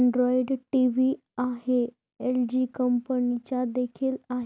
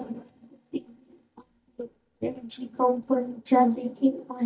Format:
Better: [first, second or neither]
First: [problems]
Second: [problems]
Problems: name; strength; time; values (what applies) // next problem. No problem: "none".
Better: first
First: none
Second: noise reduction (neural mask model DeepFilterNet 3)